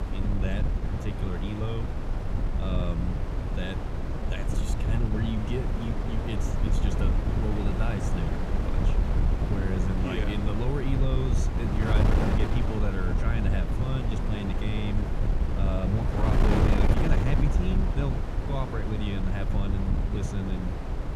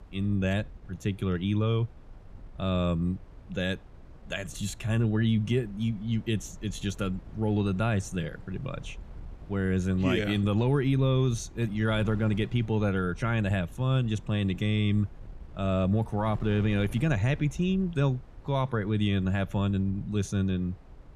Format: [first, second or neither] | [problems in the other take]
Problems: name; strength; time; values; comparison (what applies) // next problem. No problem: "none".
second | wind noise on the microphone; heavy; 1 dB above the speech; occasional gusts in the second